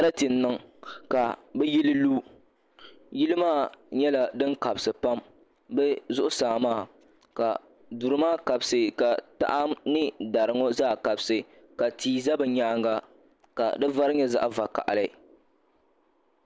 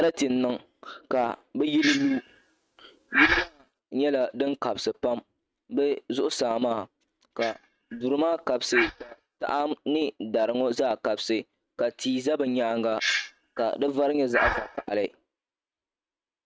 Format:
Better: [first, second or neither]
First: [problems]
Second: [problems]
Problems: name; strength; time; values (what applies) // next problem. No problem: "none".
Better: first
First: none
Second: noise reduction (neural mask model RNNoise)